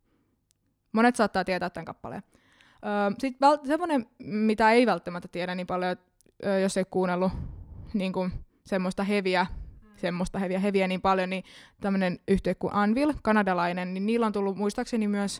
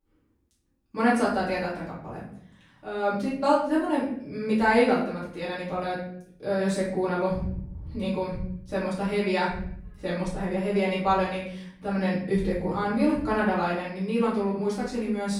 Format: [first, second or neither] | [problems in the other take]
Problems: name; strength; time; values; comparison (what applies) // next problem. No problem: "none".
first | off-mic speech; far // room echo; noticeable; dies away in 0.7 s